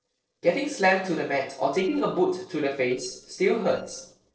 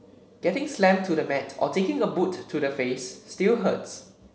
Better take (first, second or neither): second